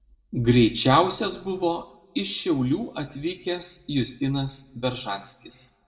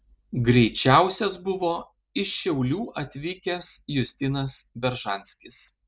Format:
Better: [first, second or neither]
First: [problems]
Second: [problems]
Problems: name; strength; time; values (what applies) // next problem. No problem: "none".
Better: second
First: room echo; dies away in 1.1 s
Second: none